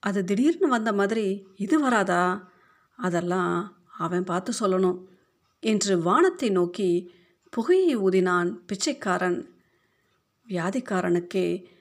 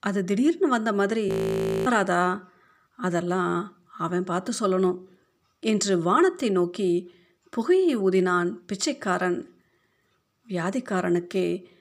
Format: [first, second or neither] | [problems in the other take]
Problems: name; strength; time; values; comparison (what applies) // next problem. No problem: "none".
first | audio freezing; at 1.5 s for 0.5 s